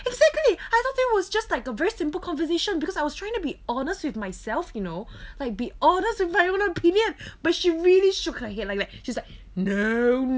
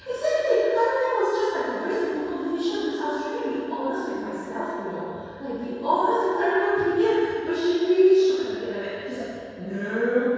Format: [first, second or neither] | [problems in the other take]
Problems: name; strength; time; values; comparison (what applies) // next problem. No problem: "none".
first | room echo; dies away in 2.2 s